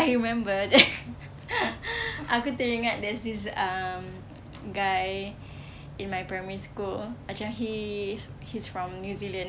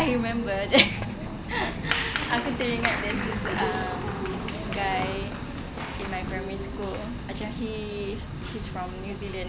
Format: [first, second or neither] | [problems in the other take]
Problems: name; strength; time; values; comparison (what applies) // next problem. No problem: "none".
first | background sound (Applause); 2 dB below the speech